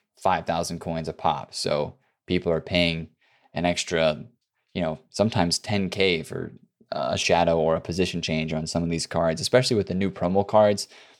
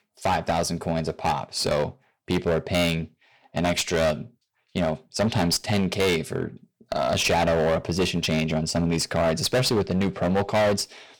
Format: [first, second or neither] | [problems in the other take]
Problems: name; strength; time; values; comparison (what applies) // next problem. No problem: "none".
first | distortion; heavy; 14% of the sound clipped